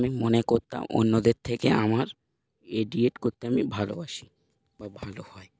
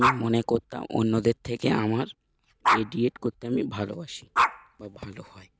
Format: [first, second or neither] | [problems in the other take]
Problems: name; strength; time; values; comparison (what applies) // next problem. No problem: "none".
first | background sound (Dog); 3 dB below the speech